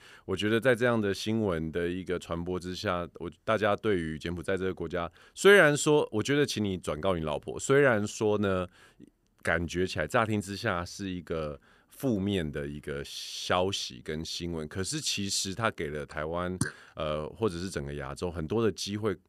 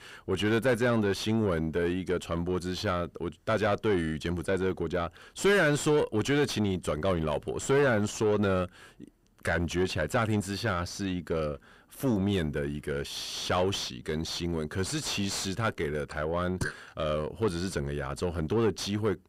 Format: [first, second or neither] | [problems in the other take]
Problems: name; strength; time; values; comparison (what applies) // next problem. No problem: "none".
first | distortion; heavy; 7 dB below the speech